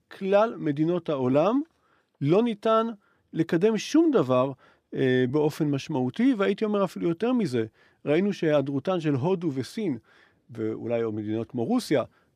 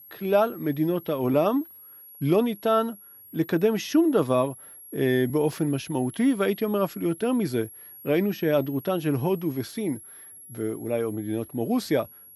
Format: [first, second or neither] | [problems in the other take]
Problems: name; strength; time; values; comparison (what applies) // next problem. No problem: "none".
first | high-pitched whine; noticeable; throughout; 11 kHz, 20 dB below the speech